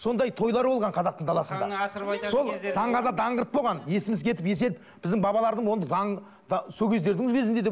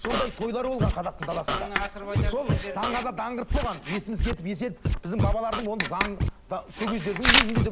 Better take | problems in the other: first | background sound (Writing + Scratching (performance technique)); 3 dB above the speech

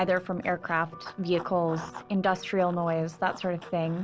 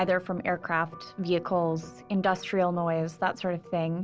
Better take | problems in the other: second | background sound (Run); 19 dB below the speech

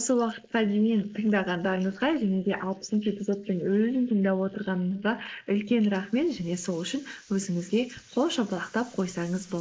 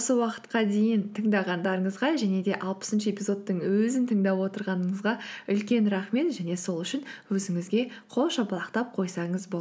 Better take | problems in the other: second | noise reduction (neural mask model Resemble Enhance denoiser)

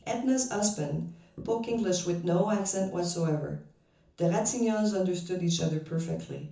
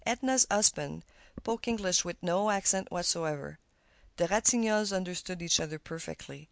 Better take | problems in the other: second | room echo; dies away in 0.6 s

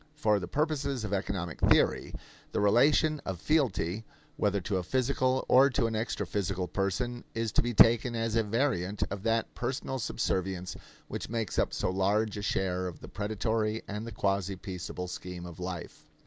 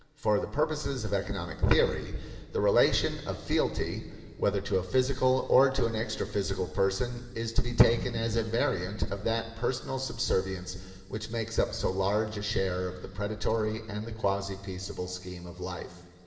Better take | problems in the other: first | room echo; dies away in 2.8 s

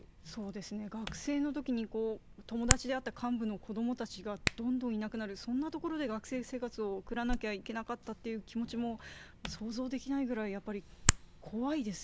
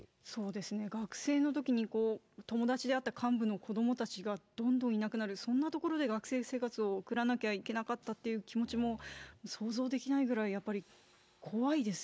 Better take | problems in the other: second | background sound (Hands); 3 dB below the speech

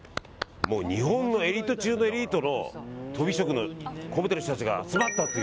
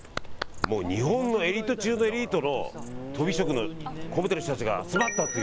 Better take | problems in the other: first | background sound (Insect); 12 dB below the speech

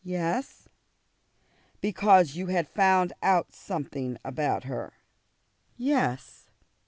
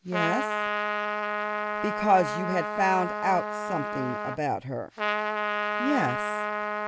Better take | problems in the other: first | background sound (Trumpet); as loud as the speech

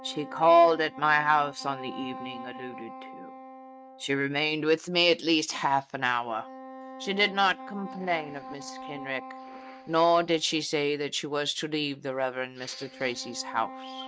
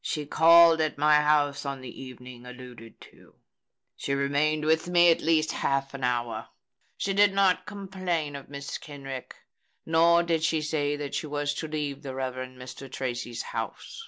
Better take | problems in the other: second | noise reduction (neural mask model RNNoise)

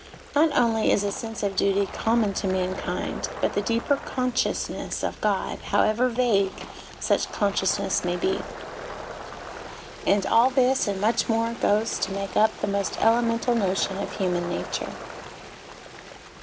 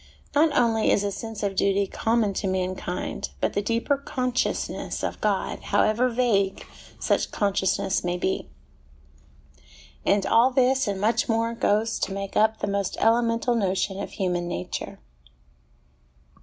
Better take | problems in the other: second | background sound (Fill (with liquid) + Stream); 13 dB below the speech

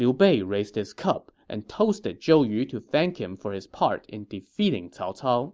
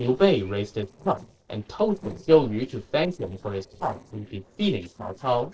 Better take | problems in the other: first | noise reduction (neural separator model SepFormer DNS4)

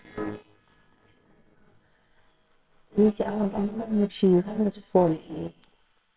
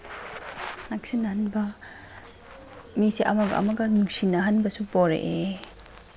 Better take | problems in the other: second | noise reduction (neural separator model SepFormer WHAMR!)

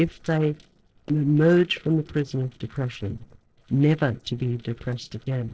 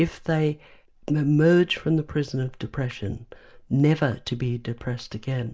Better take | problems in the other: second | noise reduction (neural separator model SepFormer DNS4)

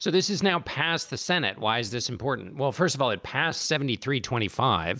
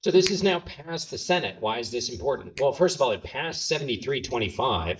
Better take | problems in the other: first | noise reduction (neural mask model DeepFilterNet 3)

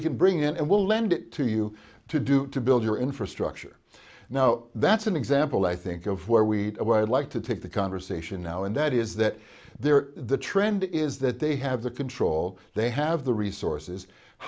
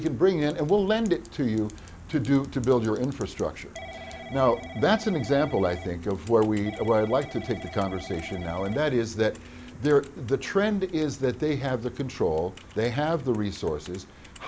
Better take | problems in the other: first | background sound (Gull, seagull + Telephone / Typing); 17 dB below the speech

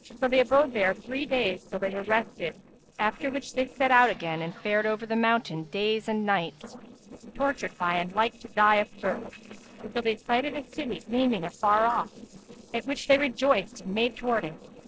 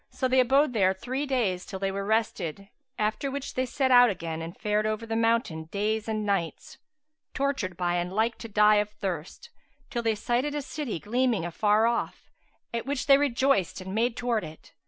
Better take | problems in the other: second | noise reduction (neural separator model SepFormer DNS4)

